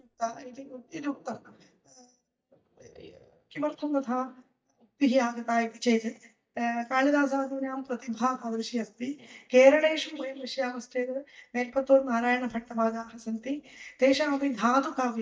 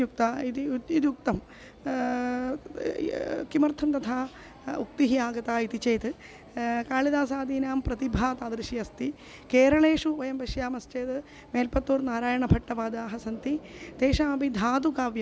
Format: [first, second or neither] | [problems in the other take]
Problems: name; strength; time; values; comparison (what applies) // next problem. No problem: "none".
second | noise reduction (neural mask model DeepFilterNet 3)